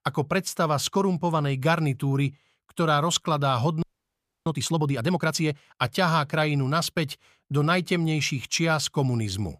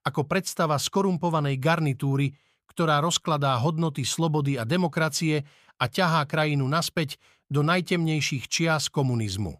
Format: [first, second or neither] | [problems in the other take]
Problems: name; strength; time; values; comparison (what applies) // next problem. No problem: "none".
second | audio freezing; at 4 s for 0.5 s